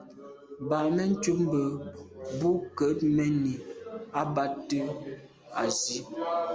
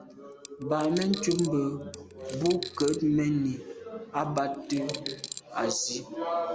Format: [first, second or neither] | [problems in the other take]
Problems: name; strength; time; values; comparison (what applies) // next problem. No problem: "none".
first | background sound (Coin (dropping)); 12 dB below the speech